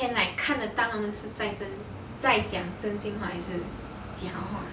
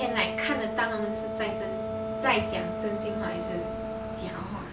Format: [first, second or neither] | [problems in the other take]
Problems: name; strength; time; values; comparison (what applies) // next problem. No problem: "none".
first | background sound (Wind instrument, woodwind instrument); 2 dB below the speech